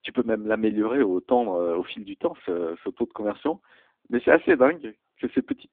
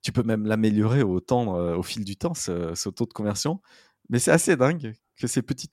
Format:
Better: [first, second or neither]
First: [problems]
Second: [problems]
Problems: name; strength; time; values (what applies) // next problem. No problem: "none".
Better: second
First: phone-call audio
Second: none